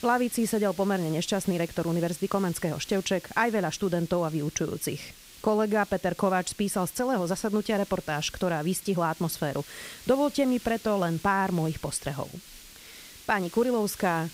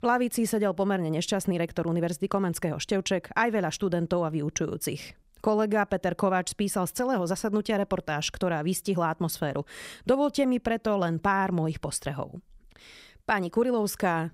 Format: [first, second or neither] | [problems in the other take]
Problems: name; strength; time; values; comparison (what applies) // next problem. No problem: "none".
second | hiss; noticeable; throughout; 20 dB below the speech